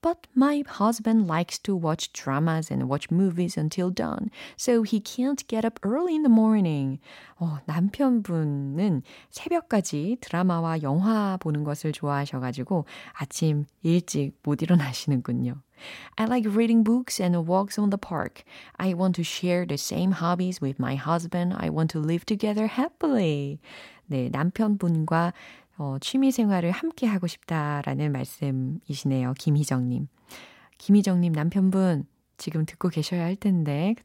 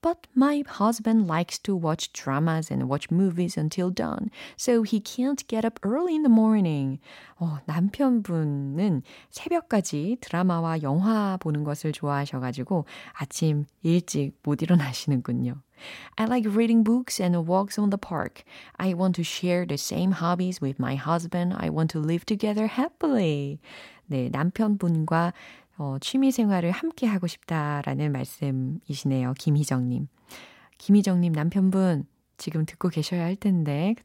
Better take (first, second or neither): neither